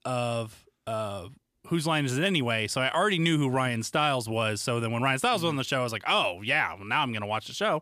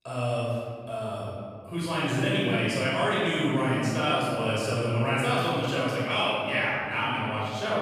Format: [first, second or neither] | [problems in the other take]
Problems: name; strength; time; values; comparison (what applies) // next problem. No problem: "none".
first | room echo; strong; dies away in 2.1 s // off-mic speech; far